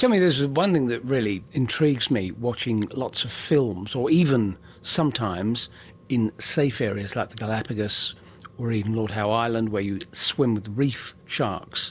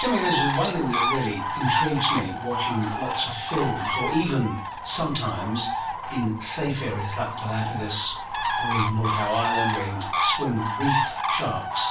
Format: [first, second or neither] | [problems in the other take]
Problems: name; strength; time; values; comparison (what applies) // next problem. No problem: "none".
first | background sound (Bird); 1 dB below the speech // room echo; dies away in 0.3 s